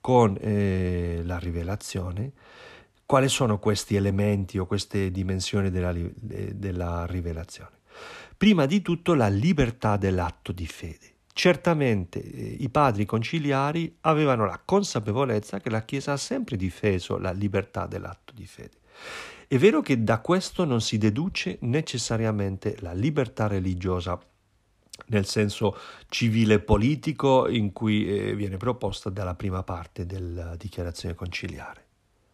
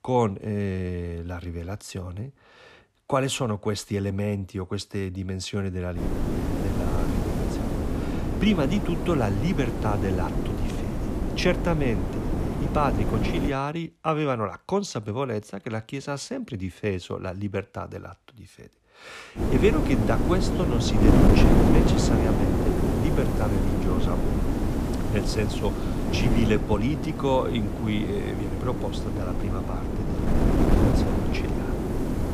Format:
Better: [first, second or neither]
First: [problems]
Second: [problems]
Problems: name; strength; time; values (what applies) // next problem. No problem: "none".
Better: first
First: none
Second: wind noise on the microphone; heavy; from 6 to 14 s and from 19 s on; as loud as the speech